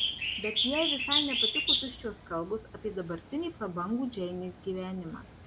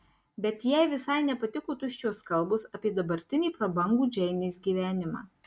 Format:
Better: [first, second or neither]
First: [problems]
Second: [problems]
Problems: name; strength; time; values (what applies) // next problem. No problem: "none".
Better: second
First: background sound (Bird); 2 dB above the speech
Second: none